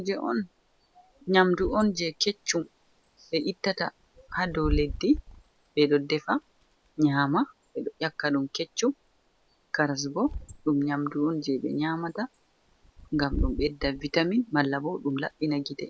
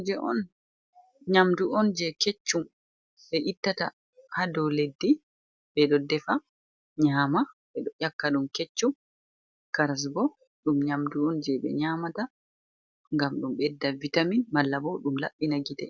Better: second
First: background sound (Wind / Bird); 12 dB below the speech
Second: none

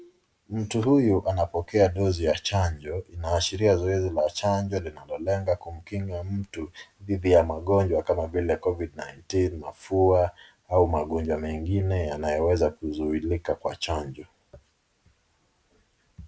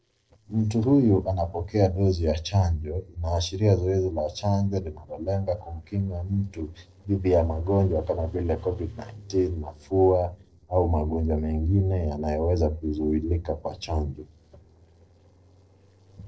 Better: first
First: none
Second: noise reduction (neural separator model SepFormer DNS4)

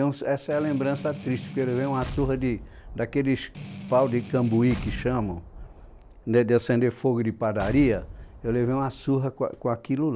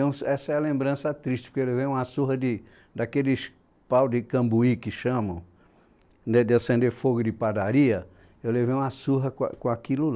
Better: second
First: background sound (Strum + Explosion); 12 dB below the speech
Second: none

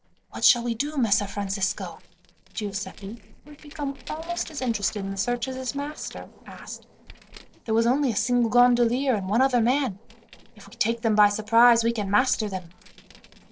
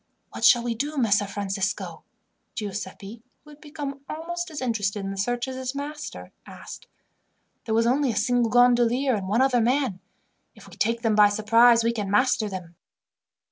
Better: second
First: noise reduction (neural separator model SepFormer DNS4)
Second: none

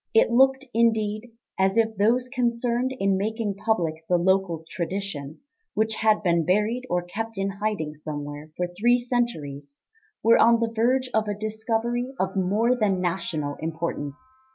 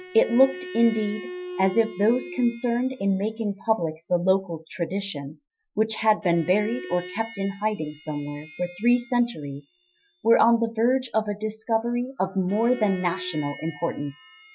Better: first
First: none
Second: noise reduction (classical method Wiener filter)

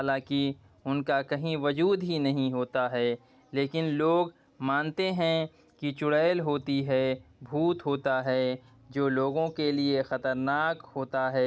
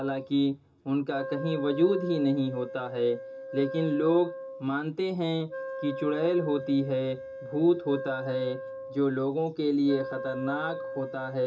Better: first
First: none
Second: background sound (Wind instrument, woodwind instrument); 10 dB below the speech // room echo; dies away in 0.2 s

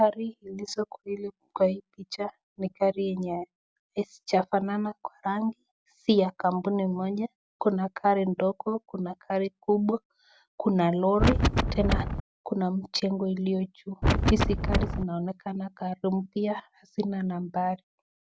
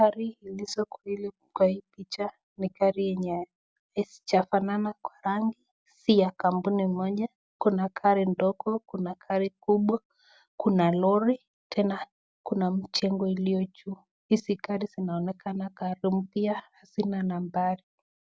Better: second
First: background sound (Wind); 4 dB above the speech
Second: none

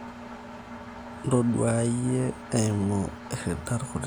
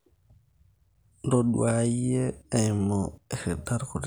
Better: second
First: background sound (Engine); 13 dB below the speech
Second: none

